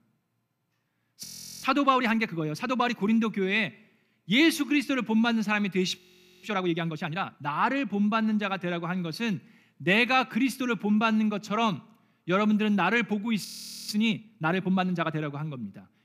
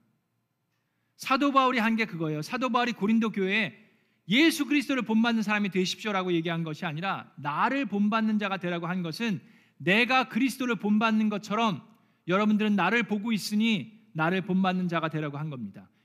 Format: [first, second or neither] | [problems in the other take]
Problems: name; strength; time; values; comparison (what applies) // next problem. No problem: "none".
second | audio freezing; at 1 s, at 6 s and at 13 s